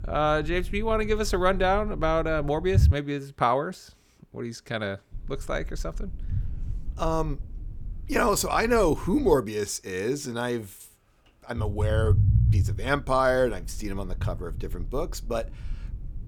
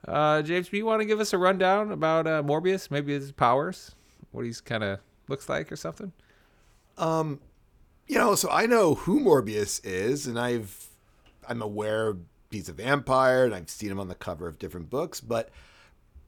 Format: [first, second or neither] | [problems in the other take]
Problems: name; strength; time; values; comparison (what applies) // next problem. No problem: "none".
second | low rumble; noticeable; until 3 s, from 5 to 9.5 s and from 12 s on; 20 dB below the speech